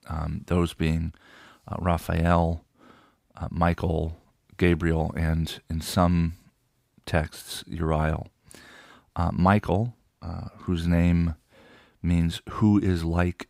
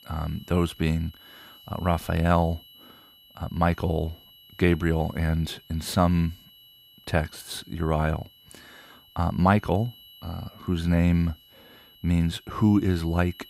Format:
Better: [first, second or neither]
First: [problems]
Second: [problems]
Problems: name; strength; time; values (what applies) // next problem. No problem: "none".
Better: first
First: none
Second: high-pitched whine; faint; throughout; 3 kHz, 25 dB below the speech